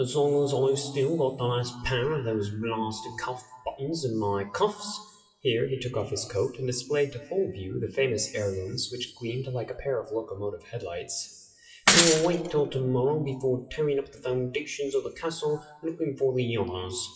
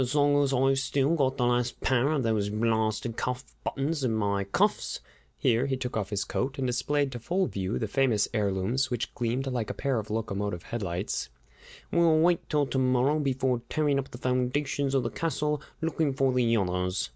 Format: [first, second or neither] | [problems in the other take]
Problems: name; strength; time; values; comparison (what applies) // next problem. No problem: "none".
second | noise reduction (classical method WPE with log-MMSE)